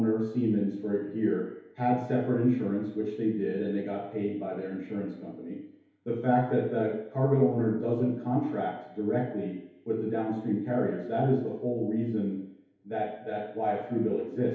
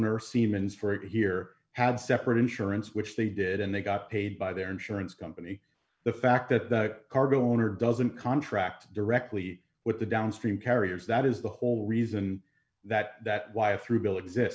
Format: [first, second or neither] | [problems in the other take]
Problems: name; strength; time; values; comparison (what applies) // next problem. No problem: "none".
second | room echo; dies away in 2.2 s